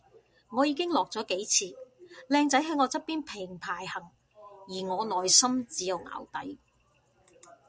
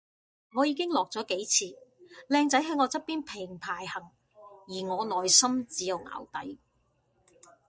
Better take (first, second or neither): first